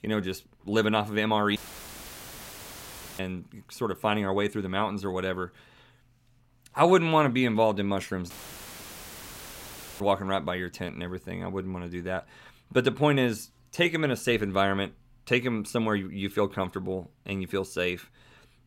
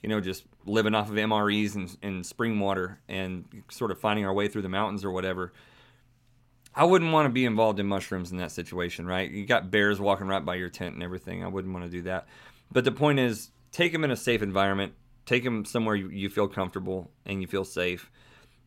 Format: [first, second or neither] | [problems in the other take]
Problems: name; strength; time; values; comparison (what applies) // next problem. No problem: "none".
second | audio cutting out; filled with static; at 1.5 s for 1.5 s and at 8.5 s for 1.5 s